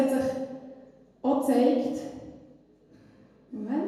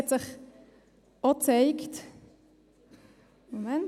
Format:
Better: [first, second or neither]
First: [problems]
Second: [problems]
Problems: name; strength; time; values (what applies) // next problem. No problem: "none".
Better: second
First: room echo; dies away in 1.2 s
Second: none